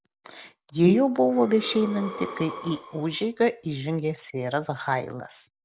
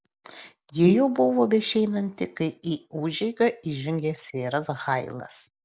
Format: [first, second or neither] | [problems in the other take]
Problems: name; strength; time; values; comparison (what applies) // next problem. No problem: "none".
second | background sound (Breathing); 14 dB below the speech